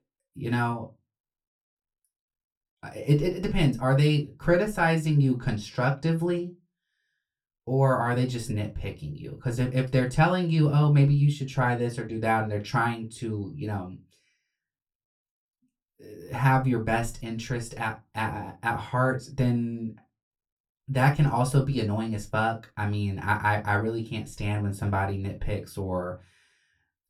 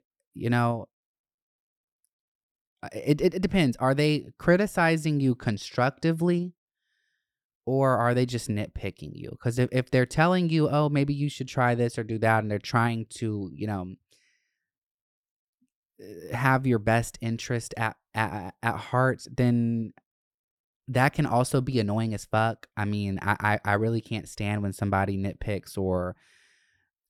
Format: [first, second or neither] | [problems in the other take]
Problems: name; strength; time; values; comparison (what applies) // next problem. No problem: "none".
second | off-mic speech; somewhat distant // room echo; very slight; dies away in 0.2 s